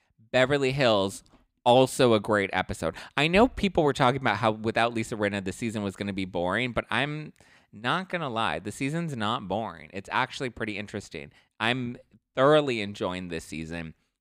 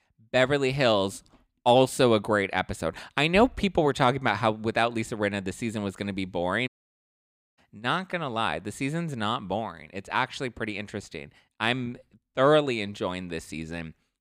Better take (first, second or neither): first